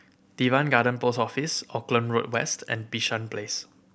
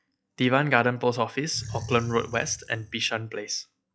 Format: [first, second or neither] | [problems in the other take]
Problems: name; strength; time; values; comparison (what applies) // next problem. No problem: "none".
first | noise reduction (classical method log-MMSE)